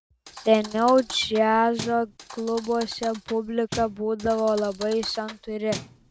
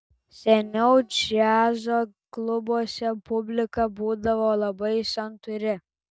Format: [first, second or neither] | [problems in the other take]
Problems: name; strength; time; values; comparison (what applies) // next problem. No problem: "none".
second | background sound (Thump, thud); 16 dB below the speech